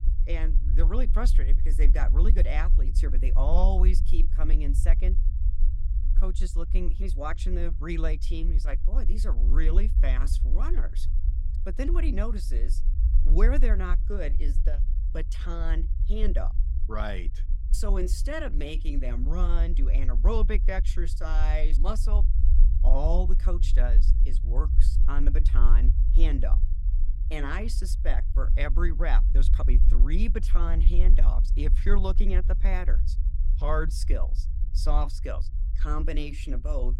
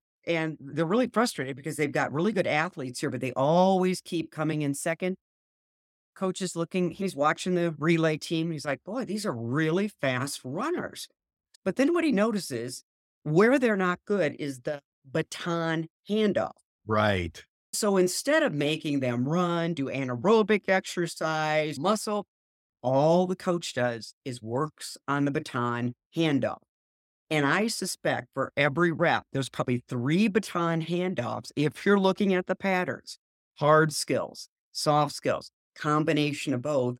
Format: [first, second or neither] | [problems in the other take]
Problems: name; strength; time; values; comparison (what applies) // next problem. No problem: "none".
second | low rumble; noticeable; throughout; 10 dB below the speech